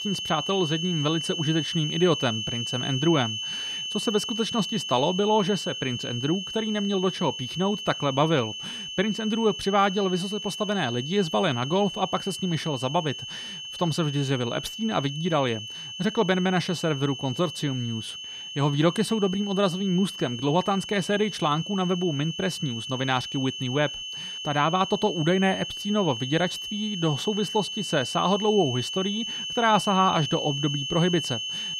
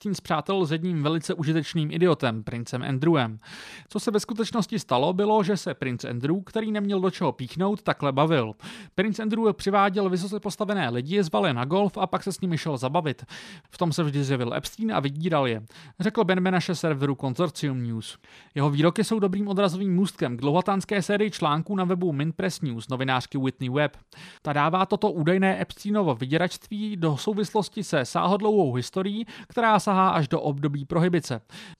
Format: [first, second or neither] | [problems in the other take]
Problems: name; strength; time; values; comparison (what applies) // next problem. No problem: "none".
second | high-pitched whine; loud; throughout; 3 kHz, 6 dB below the speech